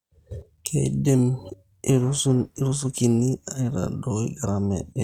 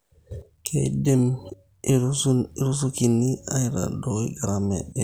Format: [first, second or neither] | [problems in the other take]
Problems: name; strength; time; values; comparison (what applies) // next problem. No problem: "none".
second | noise reduction (neural mask model RNNoise)